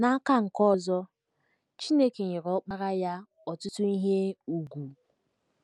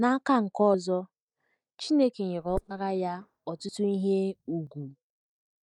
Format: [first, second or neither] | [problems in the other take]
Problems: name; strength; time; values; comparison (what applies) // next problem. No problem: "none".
first | noise reduction (neural mask model DeepFilterNet 3)